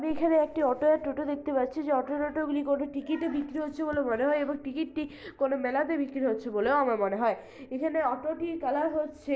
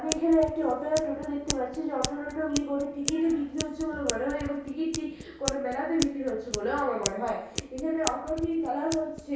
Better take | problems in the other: first | background sound (Scissors); 9 dB below the speech // room echo; dies away in 0.6 s

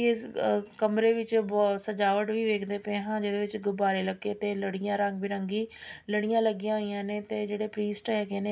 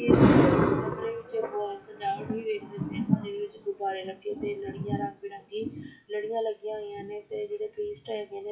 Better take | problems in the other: first | noise reduction (classical method WPE with log-MMSE)

